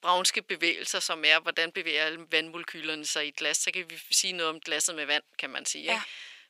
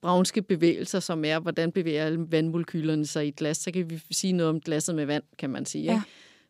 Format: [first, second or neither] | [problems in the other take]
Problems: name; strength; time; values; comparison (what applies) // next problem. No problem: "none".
second | thin; very; fading below 850 Hz